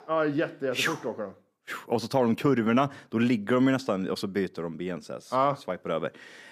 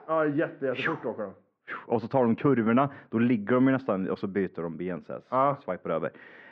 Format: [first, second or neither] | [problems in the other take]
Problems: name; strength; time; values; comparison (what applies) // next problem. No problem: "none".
first | muffled; very; fading above 2 kHz